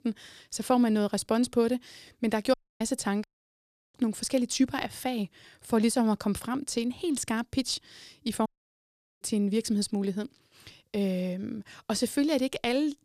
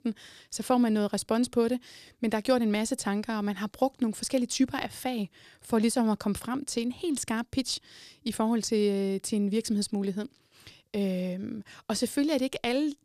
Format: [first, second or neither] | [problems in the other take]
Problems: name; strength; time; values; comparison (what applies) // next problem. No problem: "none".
second | audio cutting out; at 2.5 s, at 3 s for 0.5 s and at 8.5 s for 1 s